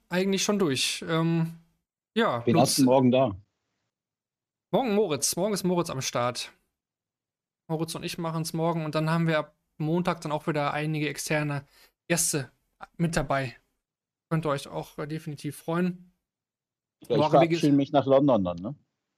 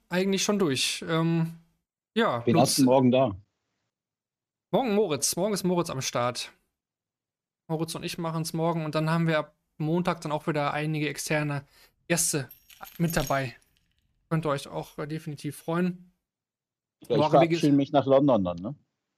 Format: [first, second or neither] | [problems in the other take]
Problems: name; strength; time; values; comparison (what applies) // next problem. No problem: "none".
first | jangling keys; faint; at 13 s; peak 10 dB below the speech